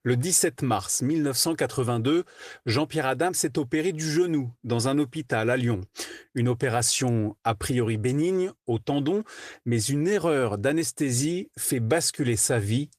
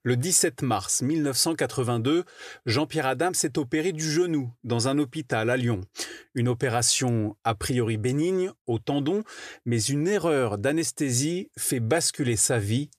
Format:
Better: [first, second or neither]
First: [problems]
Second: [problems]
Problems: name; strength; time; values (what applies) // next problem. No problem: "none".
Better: second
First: garbled, watery; slightly; nothing above 14.5 kHz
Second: none